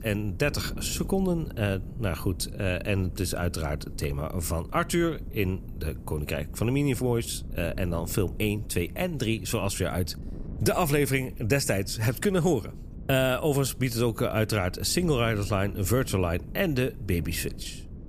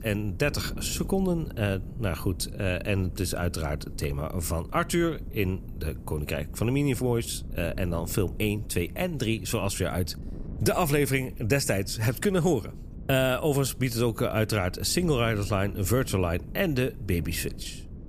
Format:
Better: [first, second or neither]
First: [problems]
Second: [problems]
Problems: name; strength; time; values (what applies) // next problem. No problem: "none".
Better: neither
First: wind noise on the microphone; occasional gusts; 20 dB below the speech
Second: wind noise on the microphone; occasional gusts; 20 dB below the speech